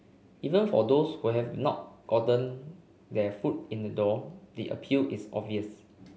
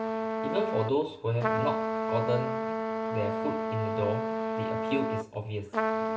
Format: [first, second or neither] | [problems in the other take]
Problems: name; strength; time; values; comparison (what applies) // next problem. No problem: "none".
first | background sound (Trumpet); 2 dB above the speech // room echo; dies away in 0.2 s